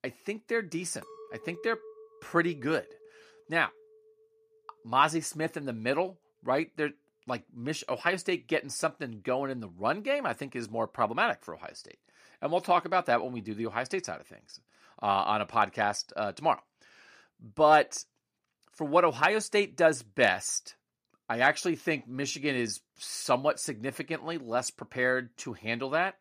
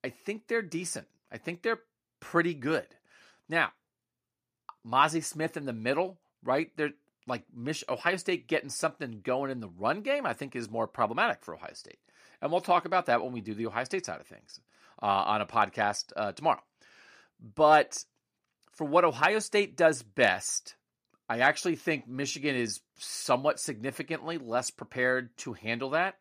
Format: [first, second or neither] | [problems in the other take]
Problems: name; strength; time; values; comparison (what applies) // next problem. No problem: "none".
second | clattering dishes; faint; from 1 to 5 s; peak 15 dB below the speech